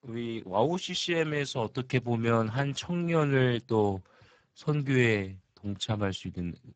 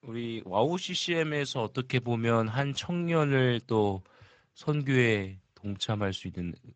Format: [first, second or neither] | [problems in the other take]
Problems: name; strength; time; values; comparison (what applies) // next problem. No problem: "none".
second | garbled, watery; badly; nothing above 7.5 kHz; slightly in the second